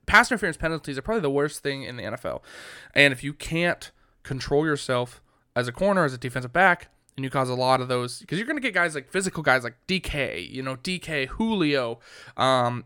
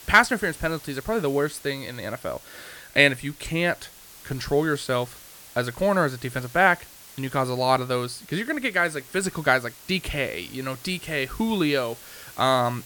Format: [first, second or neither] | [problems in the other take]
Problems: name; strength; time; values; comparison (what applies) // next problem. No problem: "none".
first | hiss; noticeable; throughout; 20 dB below the speech